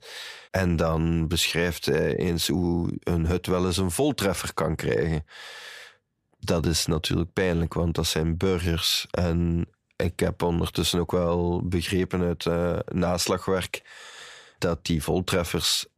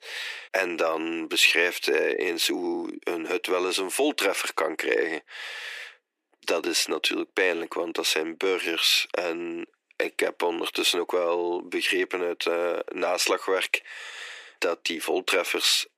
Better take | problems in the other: first | thin; very; fading below 300 Hz

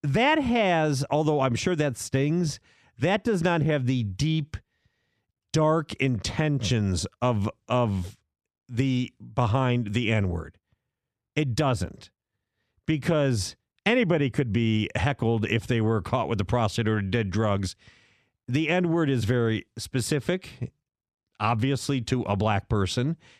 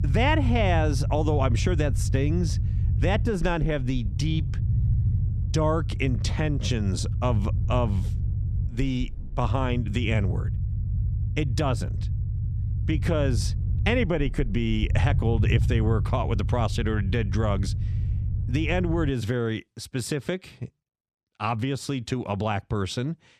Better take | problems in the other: first | low rumble; noticeable; until 19 s; 15 dB below the speech

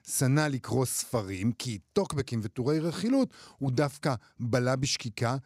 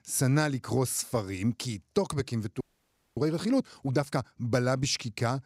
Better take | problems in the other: first | audio freezing; at 2.5 s for 0.5 s

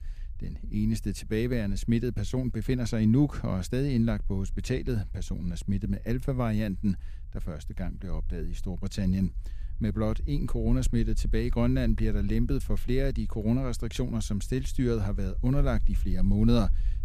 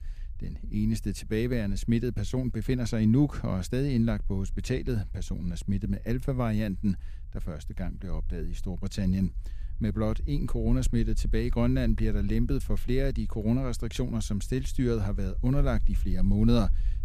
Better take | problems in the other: neither | low rumble; faint; throughout; 25 dB below the speech; the same in both

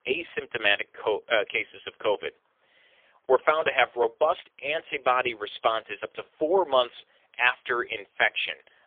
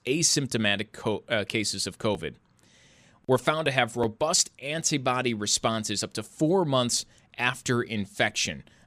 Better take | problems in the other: second | phone-call audio; poor line; nothing above 3.5 kHz

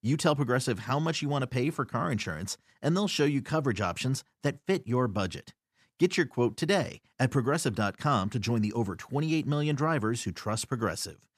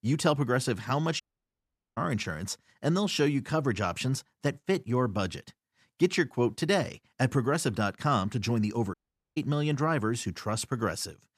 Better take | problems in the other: first | audio cutting out; at 1 s for 1 s and at 9 s

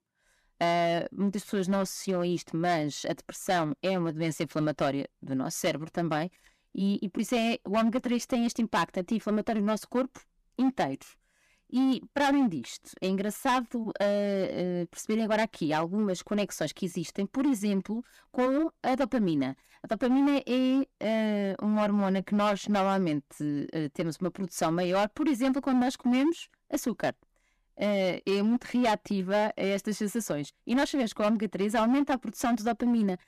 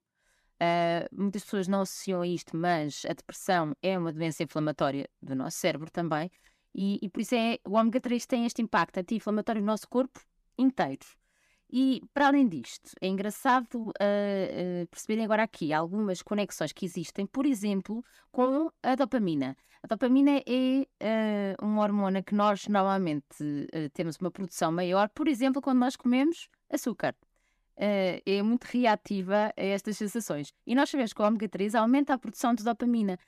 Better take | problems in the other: second | distortion; slight; 9% of the sound clipped

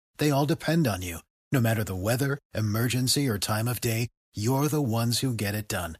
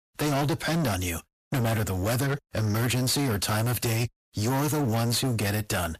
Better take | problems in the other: first | distortion; heavy; 31% of the sound clipped

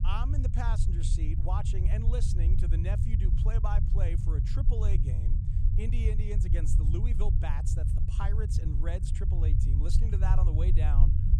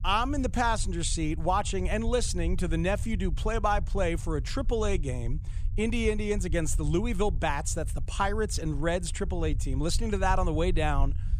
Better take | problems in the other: second | low rumble; loud; throughout; 3 dB below the speech; faint in the second

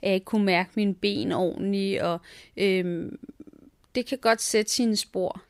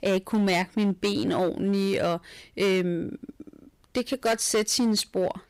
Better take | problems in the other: first | distortion; slight; 10% of the sound clipped

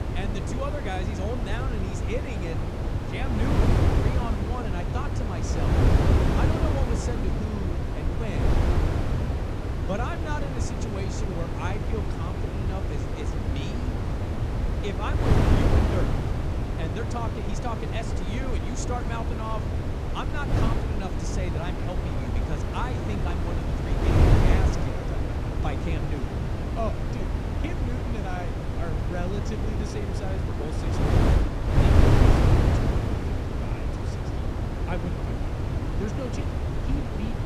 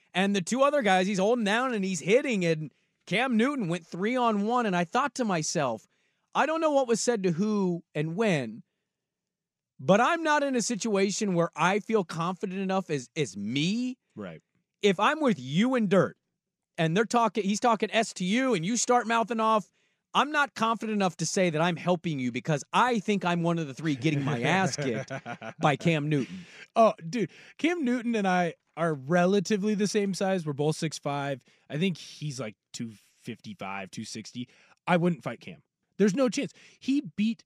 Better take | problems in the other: second | wind noise on the microphone; heavy; 3 dB above the speech

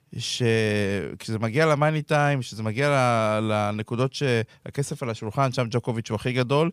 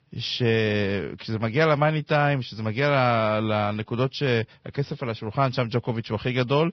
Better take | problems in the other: first | garbled, watery; badly; nothing above 5.5 kHz

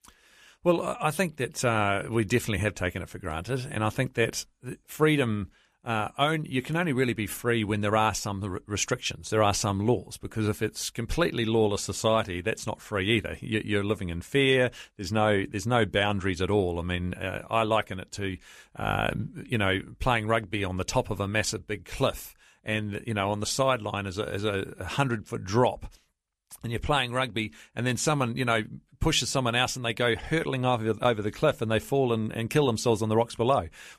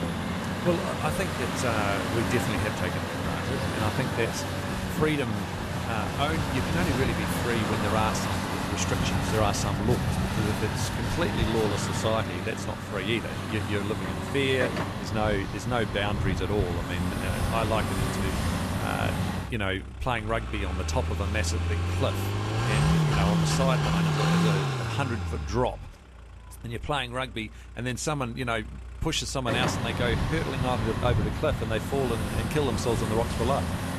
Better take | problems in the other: first | traffic noise; very loud; throughout; 1 dB above the speech

